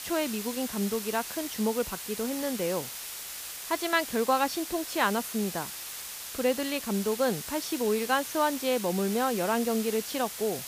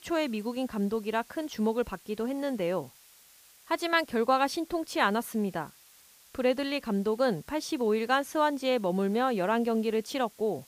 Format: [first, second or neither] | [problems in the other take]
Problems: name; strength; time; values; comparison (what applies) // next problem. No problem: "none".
second | hiss; loud; throughout; 7 dB below the speech; faint in the second